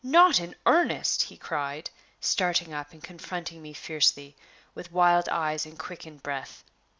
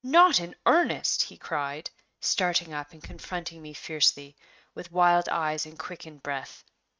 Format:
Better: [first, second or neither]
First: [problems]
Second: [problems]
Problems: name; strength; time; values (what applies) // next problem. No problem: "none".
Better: first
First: none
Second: noise reduction (neural mask model RNNoise)